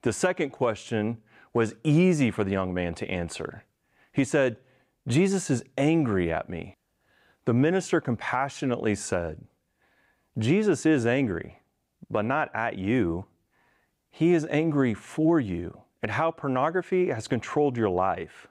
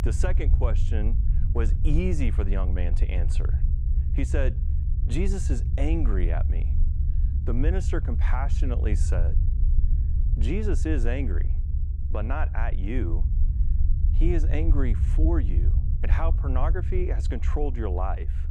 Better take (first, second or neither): first